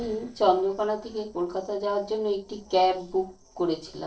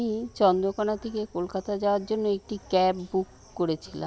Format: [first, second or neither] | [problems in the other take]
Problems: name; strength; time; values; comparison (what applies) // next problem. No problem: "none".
second | noise reduction (neural separator model SepFormer DNS4)